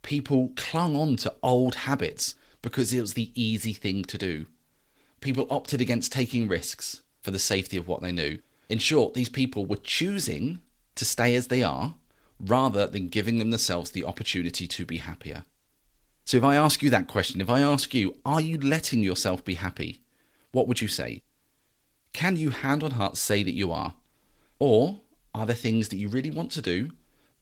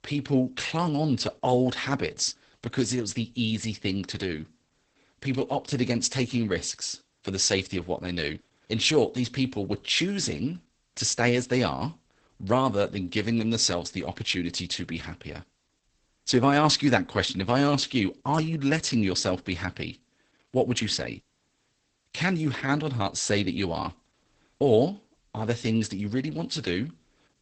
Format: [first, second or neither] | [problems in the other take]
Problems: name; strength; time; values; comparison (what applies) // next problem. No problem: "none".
first | garbled, watery; badly; nothing above 8 kHz; slightly in the first